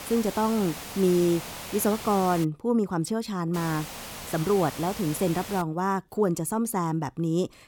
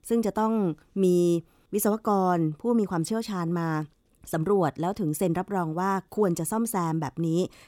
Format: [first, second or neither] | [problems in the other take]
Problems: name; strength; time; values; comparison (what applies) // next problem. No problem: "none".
second | hiss; noticeable; until 2.5 s and from 3.5 to 5.5 s; 10 dB below the speech